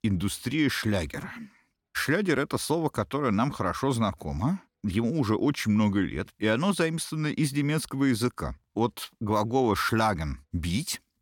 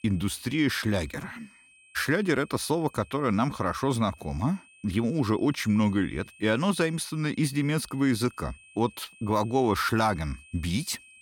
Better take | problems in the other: first | high-pitched whine; faint; throughout; 2.5 kHz, 25 dB below the speech

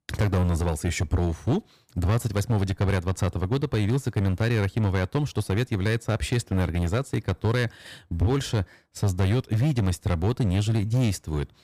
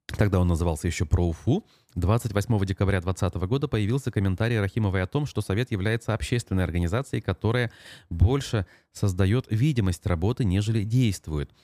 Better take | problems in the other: second | distortion; slight; 10% of the sound clipped

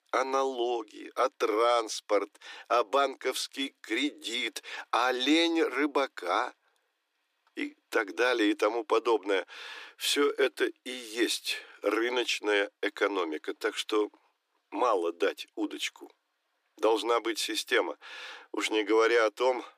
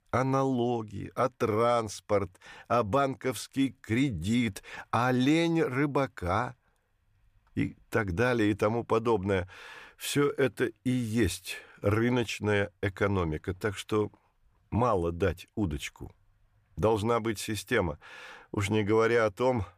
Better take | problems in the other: second | thin; somewhat; fading below 300 Hz

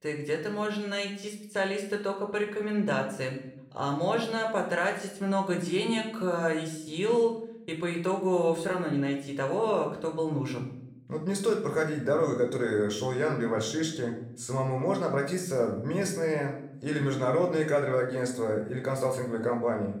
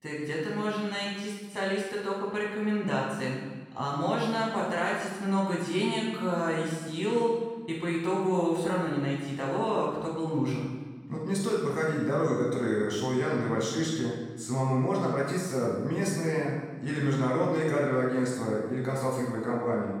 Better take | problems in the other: first | room echo; strong; dies away in 1.2 s; slight in the first // off-mic speech; far; somewhat distant in the first

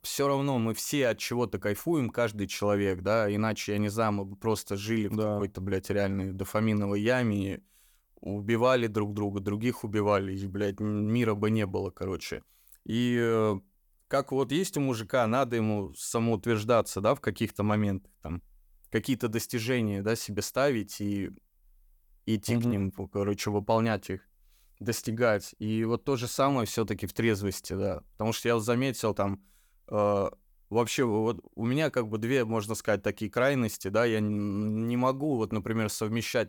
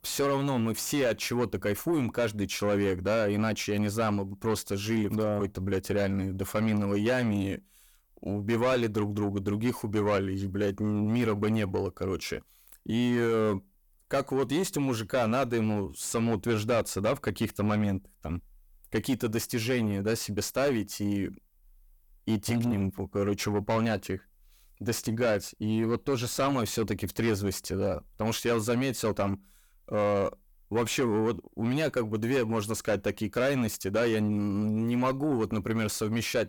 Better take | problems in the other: first | distortion; slight; 10 dB below the speech

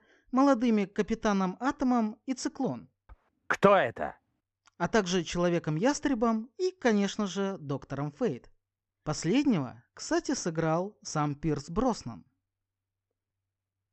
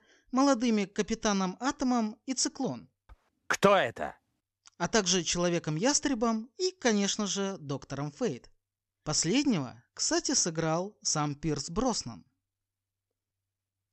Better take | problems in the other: second | muffled; very slightly; fading above 3 kHz

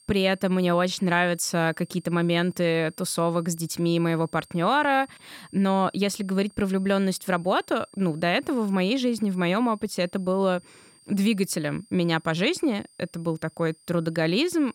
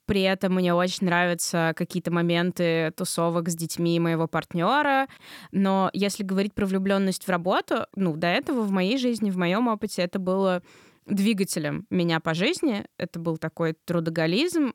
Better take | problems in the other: second | high-pitched whine; faint; throughout; 8.5 kHz, 30 dB below the speech

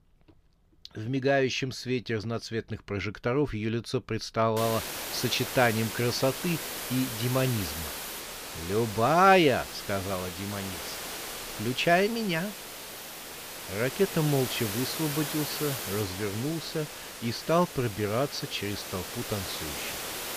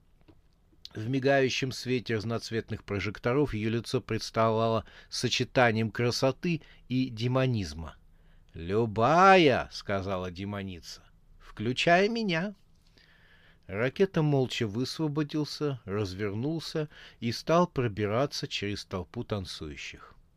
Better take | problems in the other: second | hiss; loud; from 4.5 s on; 7 dB below the speech

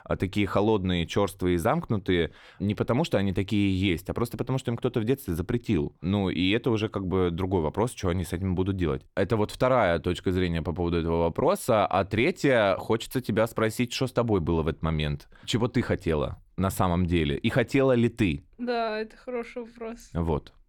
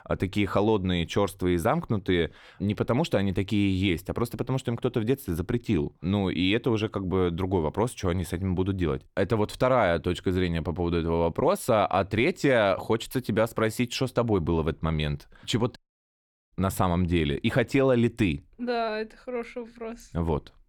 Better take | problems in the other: first | audio cutting out; at 16 s for 1 s

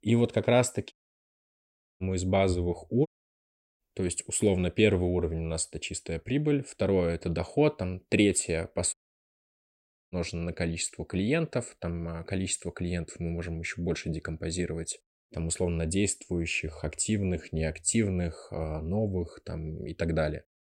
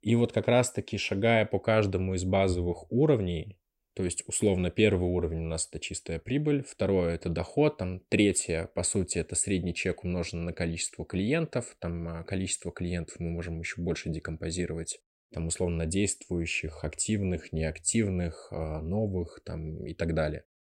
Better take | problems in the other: second | audio cutting out; at 1 s for 1 s, at 3 s for 0.5 s and at 9 s for 1 s

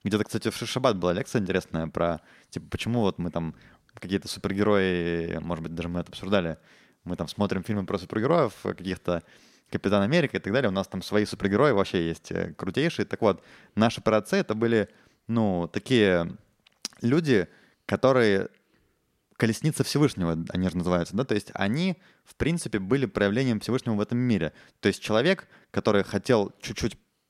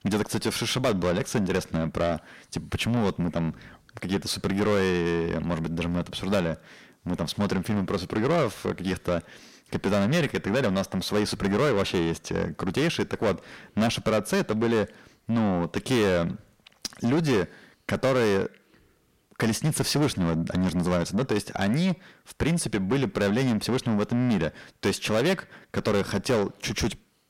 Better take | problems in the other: first | distortion; heavy; 7 dB below the speech

